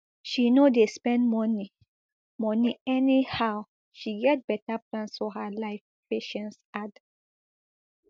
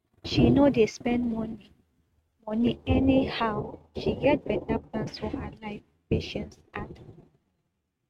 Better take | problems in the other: first | noise reduction (neural mask model RNNoise)

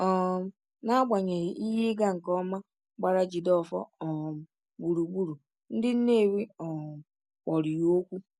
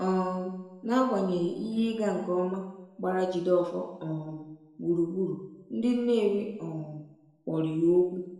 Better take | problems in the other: first | room echo; dies away in 0.9 s

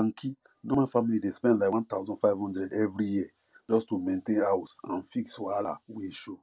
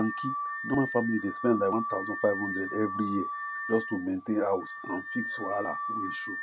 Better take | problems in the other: first | background sound (Alarm / Car); 5 dB below the speech

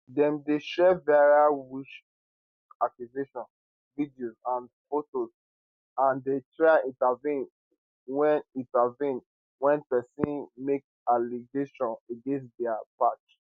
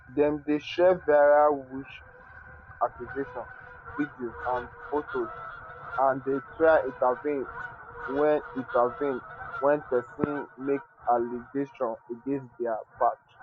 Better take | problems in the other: first | background sound (Fowl); 15 dB below the speech

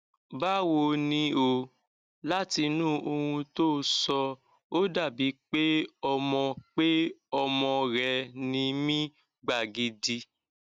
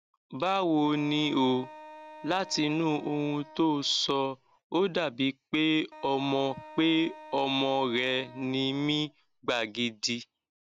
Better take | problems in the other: first | background sound (Wind instrument, woodwind instrument); 19 dB below the speech

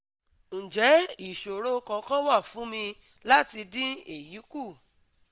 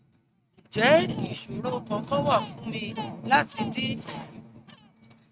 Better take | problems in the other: first | noise reduction (neural mask model RNNoise)

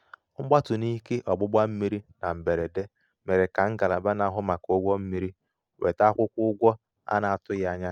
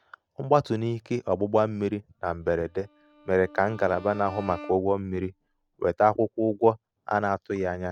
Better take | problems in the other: first | background sound (Bowed string instrument); 19 dB below the speech

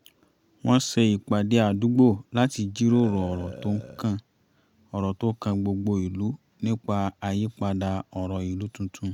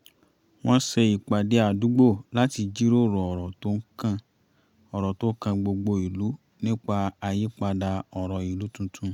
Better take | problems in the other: second | background sound (Burping, eructation); 20 dB below the speech

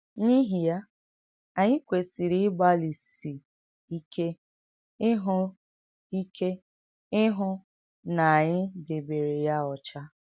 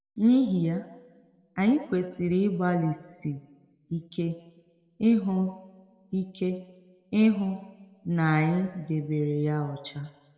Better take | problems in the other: first | room echo; dies away in 1.3 s

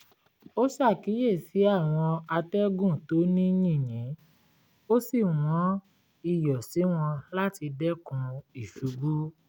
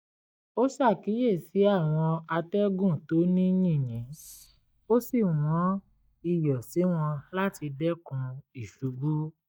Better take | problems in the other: first | noise reduction (neural mask model DeepFilterNet 3)

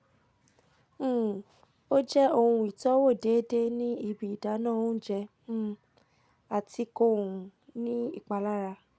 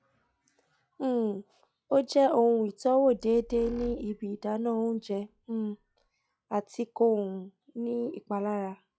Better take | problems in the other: first | noise reduction (classical method log-MMSE)

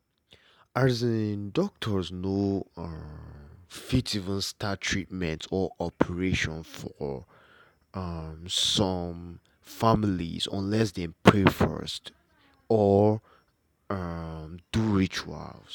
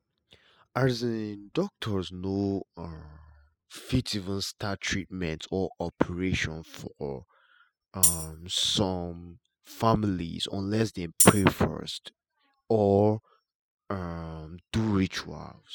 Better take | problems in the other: first | noise reduction (classical method spectral subtraction)

